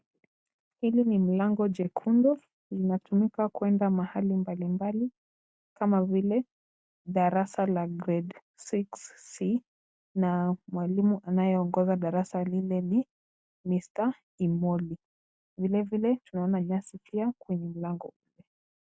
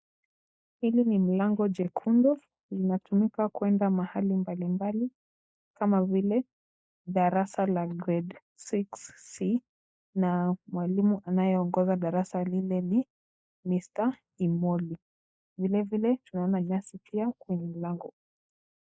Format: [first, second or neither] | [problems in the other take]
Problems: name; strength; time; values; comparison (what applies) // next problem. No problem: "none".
first | noise reduction (neural mask model Resemble Enhance denoiser)